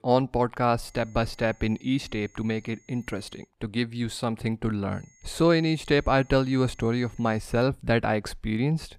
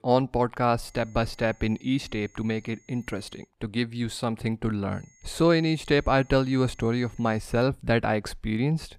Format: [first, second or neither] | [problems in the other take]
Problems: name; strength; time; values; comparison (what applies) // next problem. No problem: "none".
neither | high-pitched whine; faint; from 1 to 3.5 s and from 5 to 7.5 s; 6.5 kHz, 30 dB below the speech; the same in both